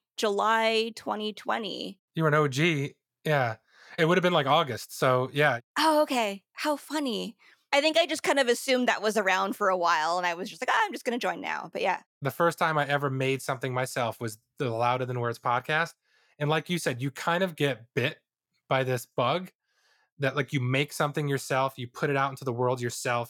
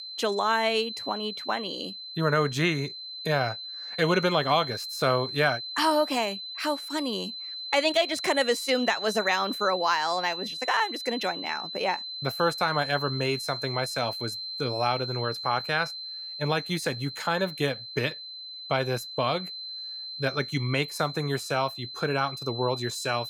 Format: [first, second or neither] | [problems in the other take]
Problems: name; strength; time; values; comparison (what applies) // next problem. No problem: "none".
first | high-pitched whine; loud; throughout; 4 kHz, 7 dB below the speech